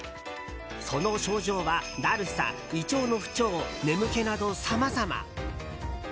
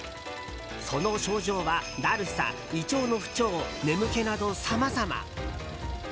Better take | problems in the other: first | background sound (Idling); 18 dB below the speech

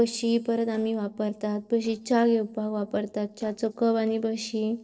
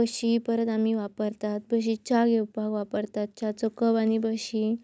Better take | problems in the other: second | noise reduction (neural separator model SepFormer DNS4)

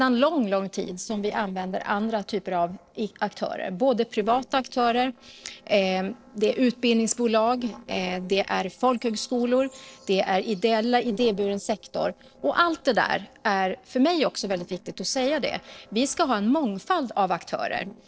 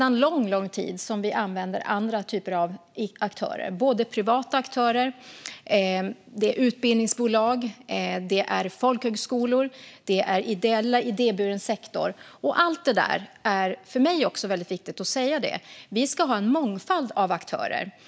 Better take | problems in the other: second | noise reduction (neural separator model SepFormer DNS4)

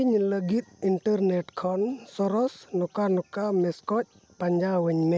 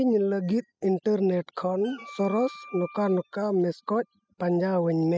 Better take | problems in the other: first | noise reduction (classical method spectral subtraction)

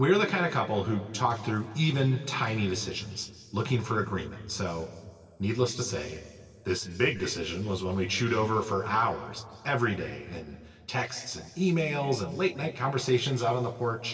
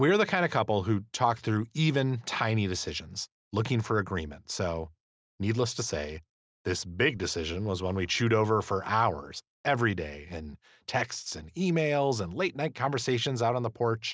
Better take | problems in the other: second | room echo; dies away in 2.3 s

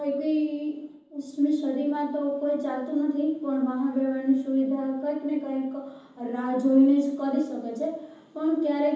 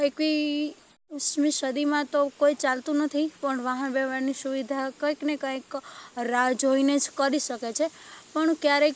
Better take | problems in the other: second | room echo; dies away in 0.9 s

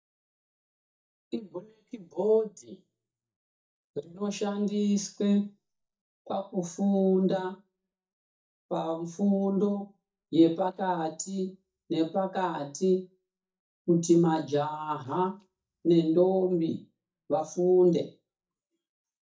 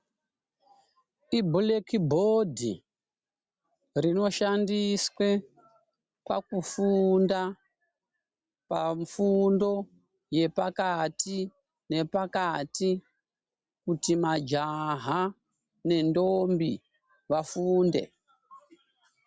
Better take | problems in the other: second | noise reduction (neural mask model DeepFilterNet 3)

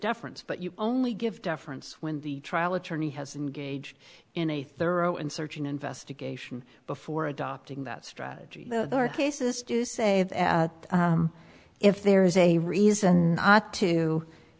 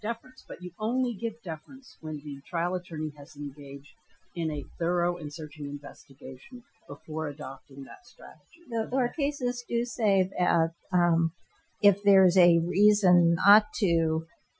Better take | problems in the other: first | noise reduction (classical method Wiener filter)

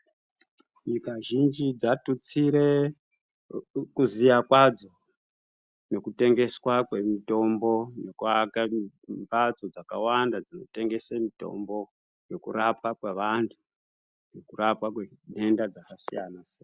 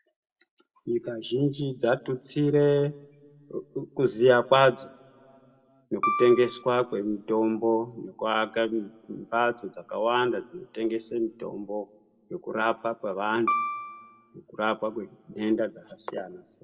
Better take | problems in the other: first | background sound (Piano); 5 dB below the speech // room echo; dies away in 0.6 s

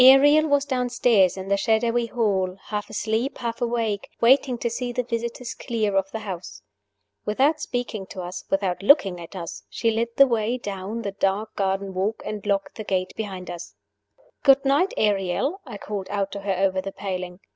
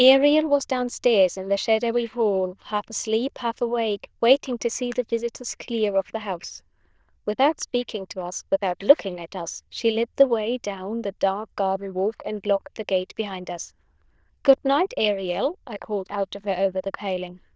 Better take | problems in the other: first | noise reduction (neural diffusion model UNIVERSE++)

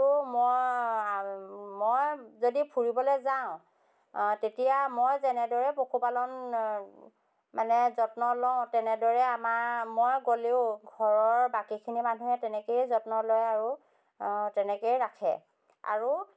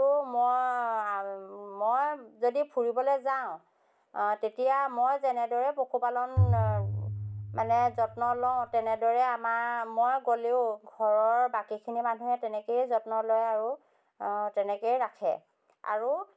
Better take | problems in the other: first | background sound (Bowed string instrument); 2 dB below the speech

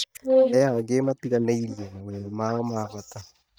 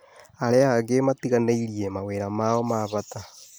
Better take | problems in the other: second | noise reduction (neural mask model DeepFilterNet 3)

